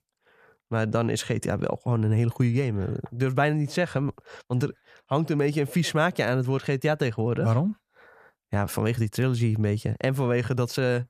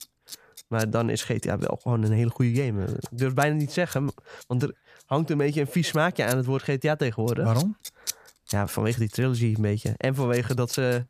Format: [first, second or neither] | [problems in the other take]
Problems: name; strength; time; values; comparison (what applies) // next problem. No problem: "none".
first | household noises; noticeable; throughout; 15 dB below the speech